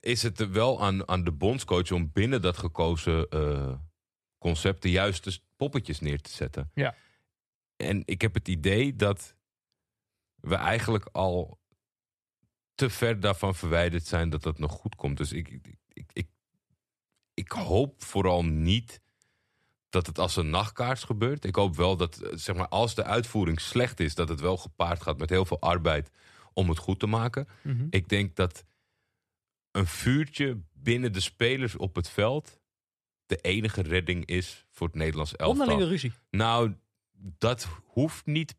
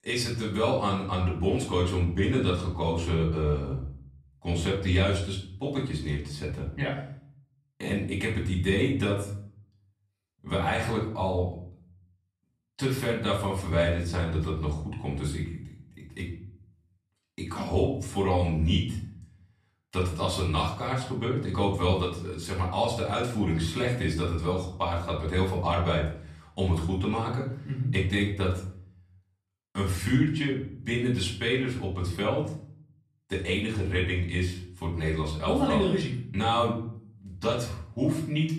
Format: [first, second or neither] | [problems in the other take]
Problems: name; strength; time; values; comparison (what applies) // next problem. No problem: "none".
first | off-mic speech; far // room echo; slight; dies away in 0.5 s